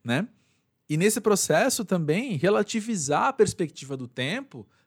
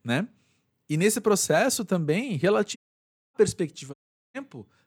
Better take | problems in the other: first | audio cutting out; at 3 s for 0.5 s and at 4 s

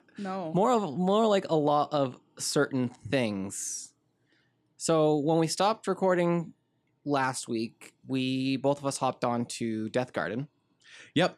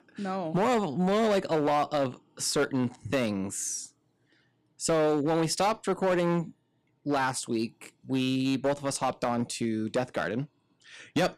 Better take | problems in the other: first | distortion; slight; 7% of the sound clipped

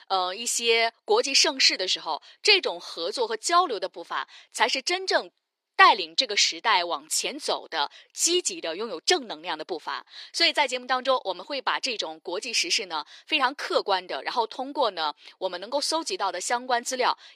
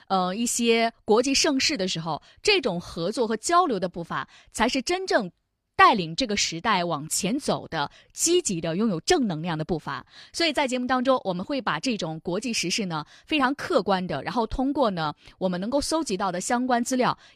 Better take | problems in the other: second | thin; very; fading below 400 Hz

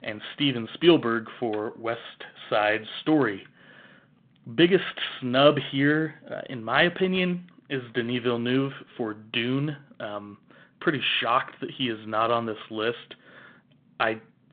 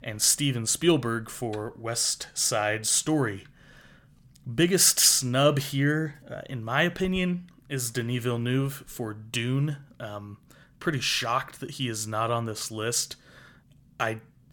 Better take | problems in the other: second | phone-call audio

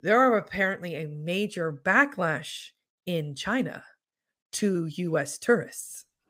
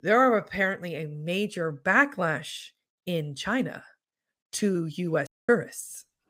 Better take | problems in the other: first | audio cutting out; at 5.5 s

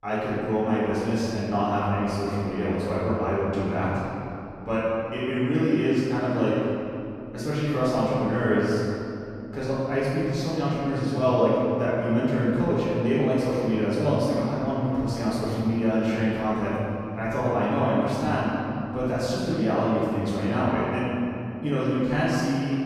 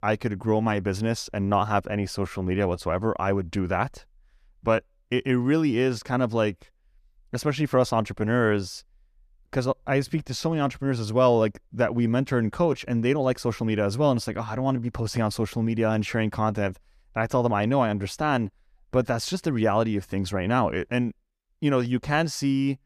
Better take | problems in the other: second | off-mic speech; far // room echo; strong; dies away in 2.6 s

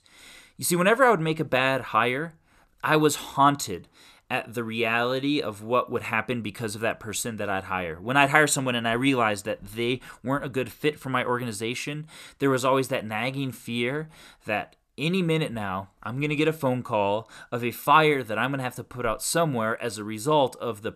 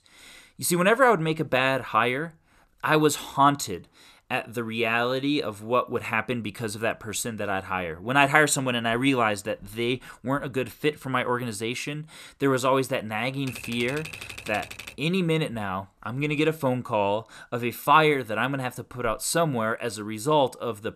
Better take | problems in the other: first | keyboard typing; faint; from 13 to 15 s; peak 10 dB below the speech

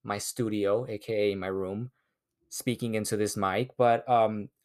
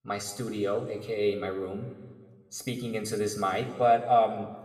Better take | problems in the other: first | room echo; slight; dies away in 1.2 s // off-mic speech; somewhat distant

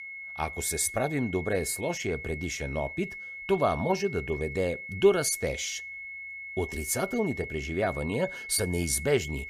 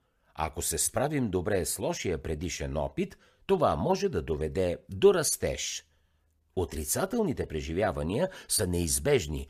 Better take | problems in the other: second | high-pitched whine; loud; throughout; 2 kHz, 9 dB below the speech

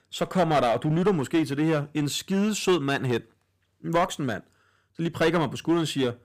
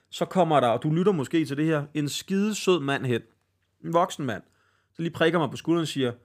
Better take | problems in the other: second | distortion; slight; 7% of the sound clipped

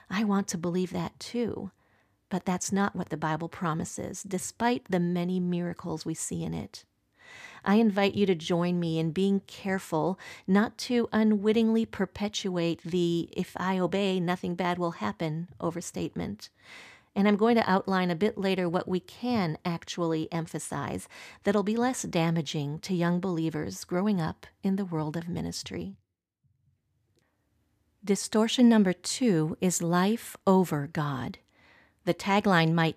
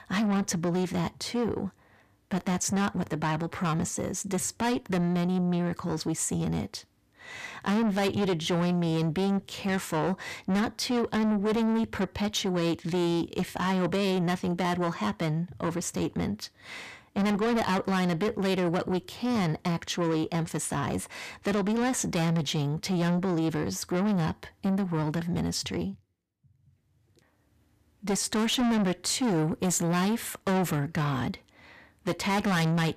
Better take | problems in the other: first | distortion; heavy; 7 dB below the speech

